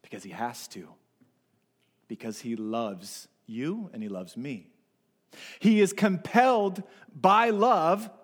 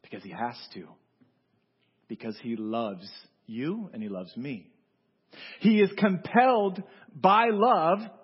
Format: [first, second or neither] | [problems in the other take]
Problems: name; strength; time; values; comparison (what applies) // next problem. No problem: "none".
first | garbled, watery; badly; nothing above 5.5 kHz